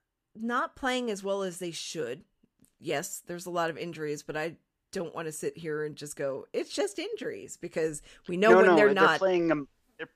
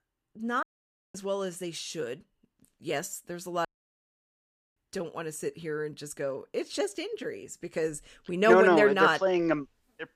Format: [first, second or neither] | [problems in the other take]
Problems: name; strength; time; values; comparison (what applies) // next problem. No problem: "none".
first | audio cutting out; at 0.5 s for 0.5 s and at 3.5 s for 1 s